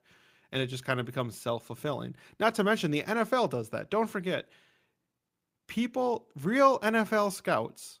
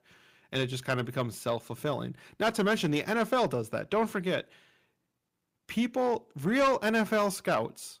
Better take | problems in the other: first | distortion; slight; 10 dB below the speech

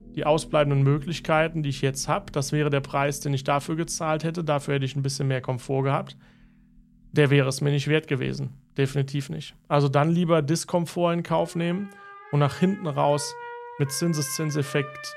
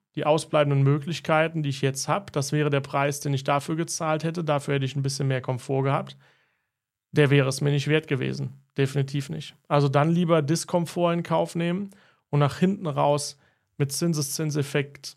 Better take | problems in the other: second | background music; noticeable; throughout; 20 dB below the speech

